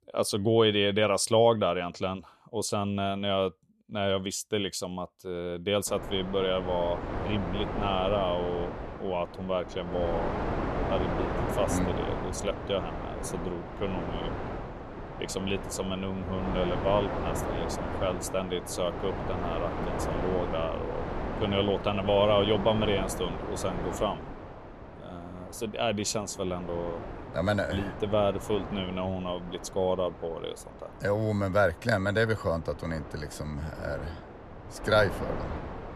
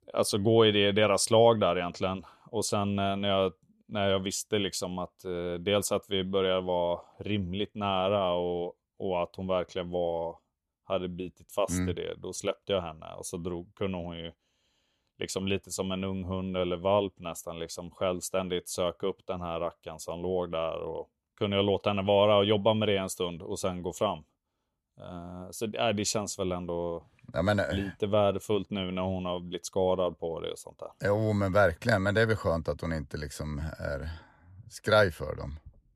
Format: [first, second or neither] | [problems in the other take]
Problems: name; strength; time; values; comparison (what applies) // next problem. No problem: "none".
second | wind noise on the microphone; heavy; from 6 s on; 7 dB below the speech